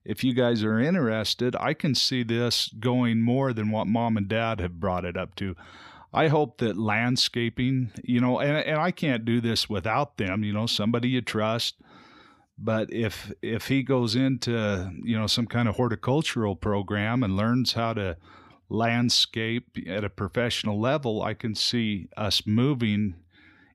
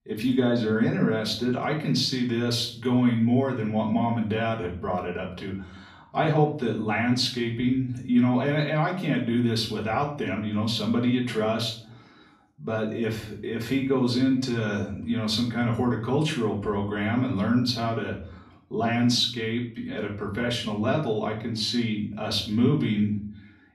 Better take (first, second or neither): first